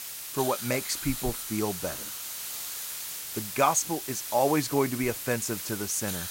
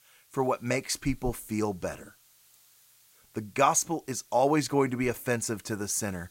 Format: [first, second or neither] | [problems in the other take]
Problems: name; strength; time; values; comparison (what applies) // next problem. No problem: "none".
second | hiss; loud; throughout; 5 dB below the speech; faint in the second